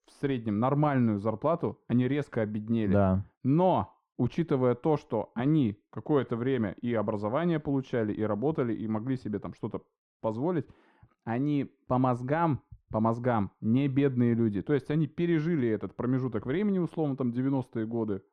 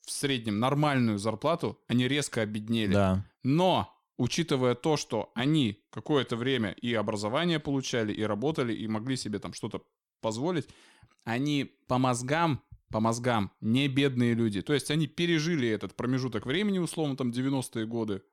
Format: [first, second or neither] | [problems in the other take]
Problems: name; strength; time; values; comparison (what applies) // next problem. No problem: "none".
second | muffled; very; fading above 3 kHz